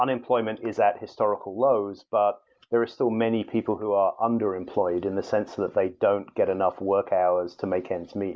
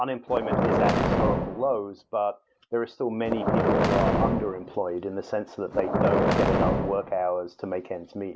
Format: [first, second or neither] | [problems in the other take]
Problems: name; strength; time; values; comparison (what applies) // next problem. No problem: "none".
first | background sound (Boom); 3 dB above the speech